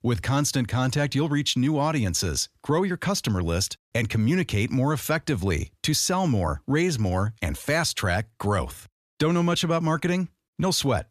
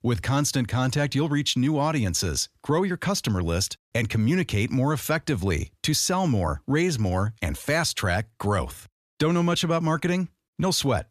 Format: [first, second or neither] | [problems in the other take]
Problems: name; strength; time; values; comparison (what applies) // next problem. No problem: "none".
neither | none